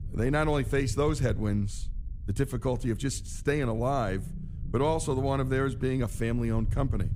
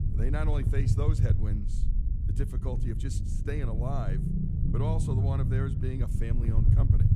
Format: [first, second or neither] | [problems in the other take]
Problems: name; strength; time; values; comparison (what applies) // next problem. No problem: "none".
first | low rumble; loud; throughout; 2 dB below the speech; faint in the first